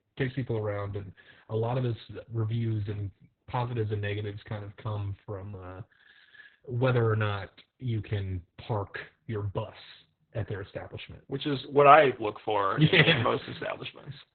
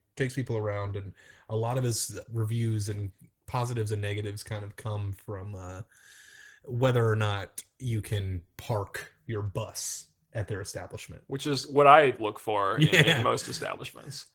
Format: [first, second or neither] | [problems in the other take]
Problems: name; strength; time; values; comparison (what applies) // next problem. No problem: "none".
second | garbled, watery; badly; nothing above 3.5 kHz; slightly in the second